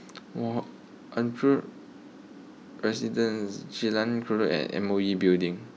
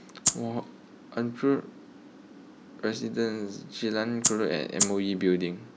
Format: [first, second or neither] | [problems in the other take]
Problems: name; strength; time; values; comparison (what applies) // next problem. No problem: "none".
first | background sound (Rattle (instrument)); 2 dB above the speech